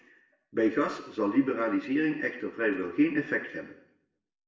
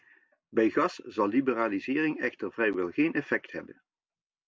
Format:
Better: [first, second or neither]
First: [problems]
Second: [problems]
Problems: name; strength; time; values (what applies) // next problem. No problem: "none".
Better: second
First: room echo; dies away in 0.7 s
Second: none